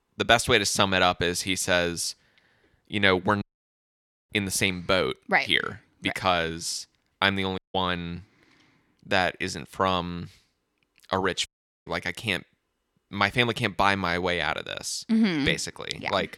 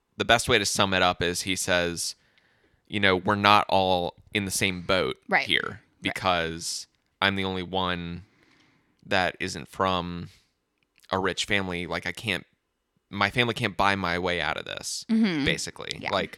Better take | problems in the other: second | audio cutting out; at 3.5 s for 1 s, at 7.5 s and at 11 s

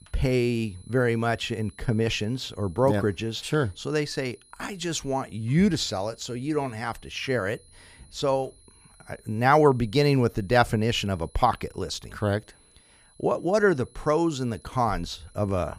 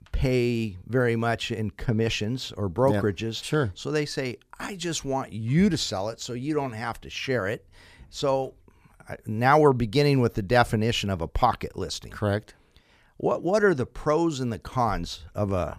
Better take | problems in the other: second | high-pitched whine; faint; throughout; 10.5 kHz, 30 dB below the speech

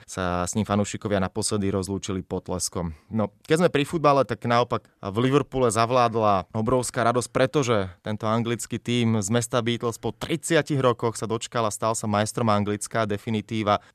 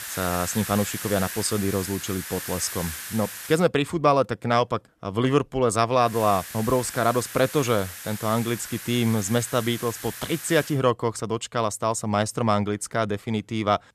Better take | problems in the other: first | hiss; loud; until 3.5 s and from 6 to 11 s; 9 dB below the speech

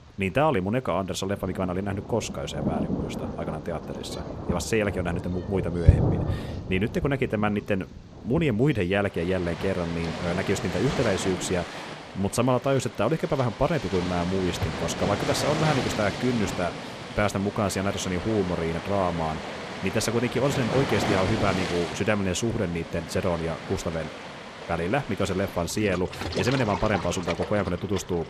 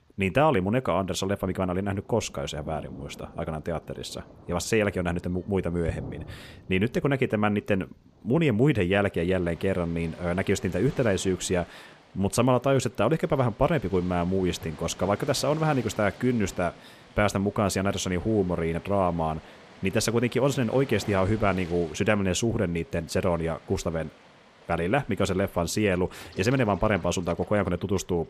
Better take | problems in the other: second | rain or running water; loud; throughout; 5 dB below the speech; faint in the second

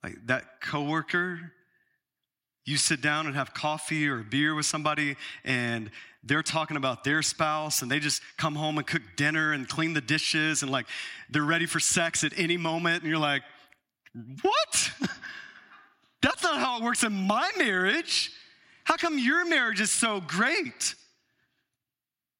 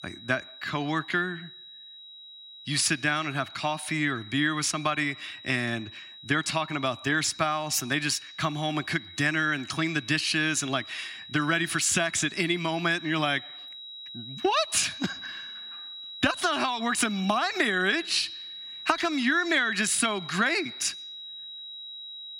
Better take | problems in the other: first | high-pitched whine; noticeable; throughout; 4 kHz, 15 dB below the speech

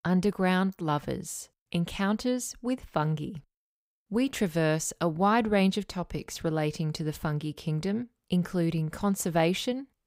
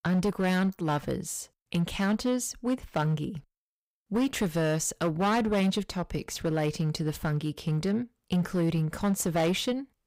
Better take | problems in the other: first | distortion; slight; 9% of the sound clipped

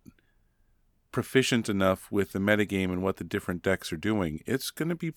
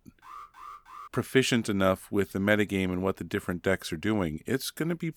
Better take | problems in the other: first | alarm; faint; at the start; peak 15 dB below the speech

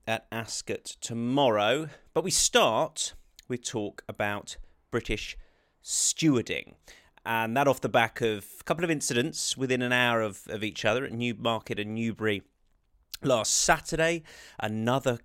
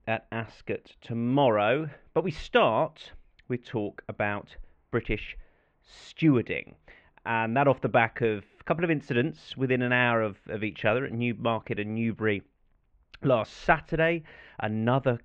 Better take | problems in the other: first | muffled; very; fading above 2.5 kHz

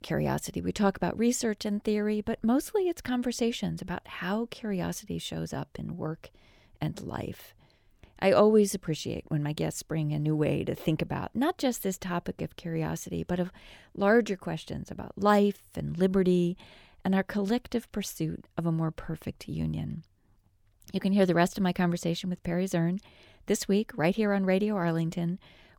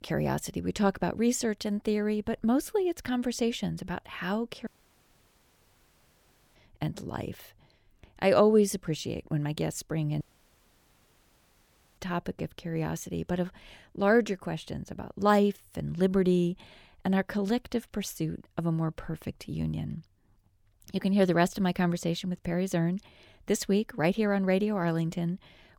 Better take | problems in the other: first | audio cutting out; at 4.5 s for 2 s and at 10 s for 2 s

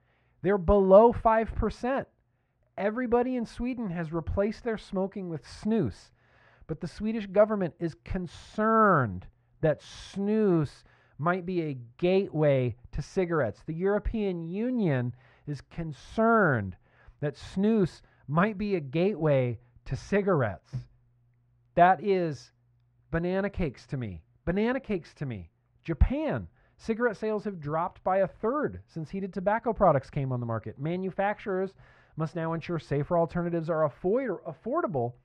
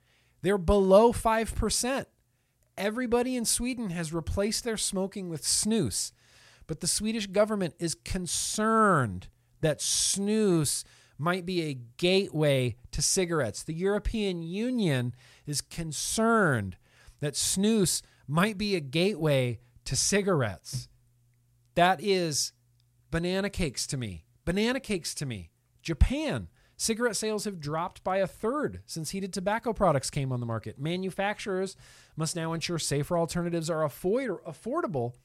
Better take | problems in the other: second | muffled; very; fading above 1.5 kHz

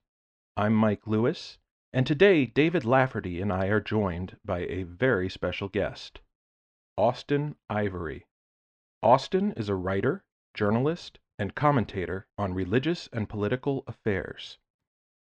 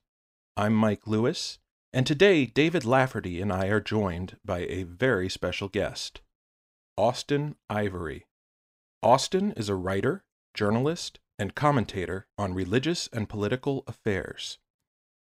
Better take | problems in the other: second | muffled; slightly; fading above 3 kHz

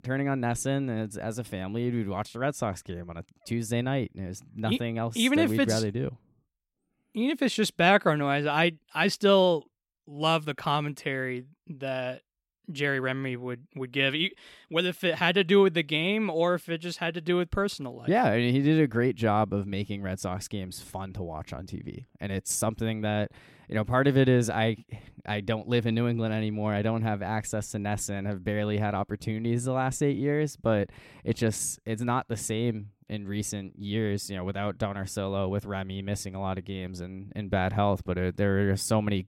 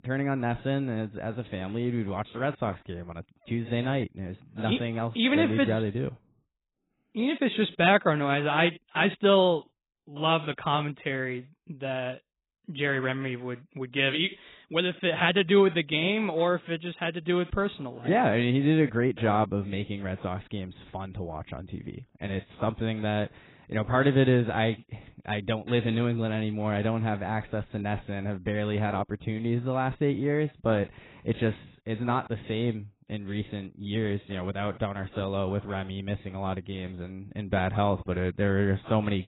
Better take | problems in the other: first | garbled, watery; badly; nothing above 4 kHz

